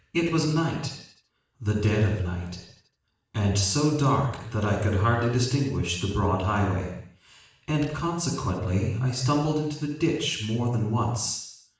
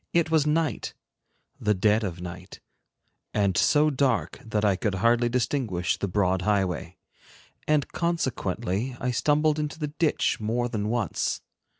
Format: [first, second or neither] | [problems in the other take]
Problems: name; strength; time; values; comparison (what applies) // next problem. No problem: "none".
second | room echo; dies away in 0.7 s